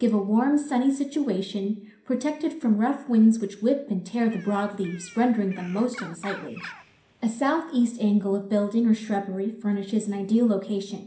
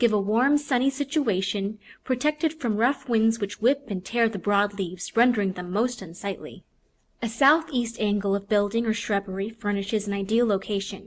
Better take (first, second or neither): second